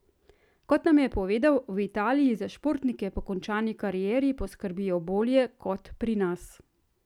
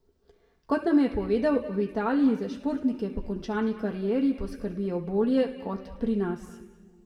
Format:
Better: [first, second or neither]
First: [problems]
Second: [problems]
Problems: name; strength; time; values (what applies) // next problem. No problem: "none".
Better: first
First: none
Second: room echo; dies away in 1.4 s